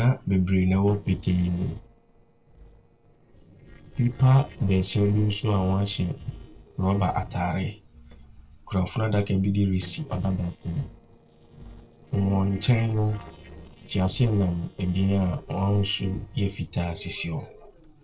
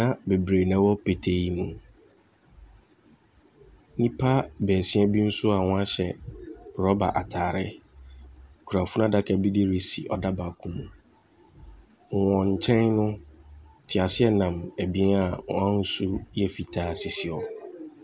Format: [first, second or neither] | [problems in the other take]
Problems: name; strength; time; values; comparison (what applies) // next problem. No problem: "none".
second | noise reduction (neural separator model SepFormer DNS4)